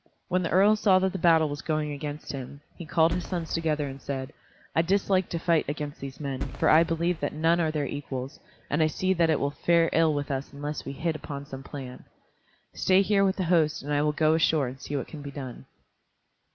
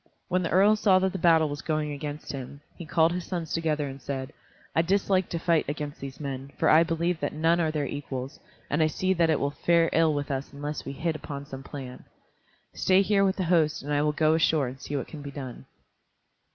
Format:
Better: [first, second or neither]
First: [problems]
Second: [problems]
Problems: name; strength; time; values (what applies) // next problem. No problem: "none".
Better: second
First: background sound (Fireworks); 11 dB below the speech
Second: none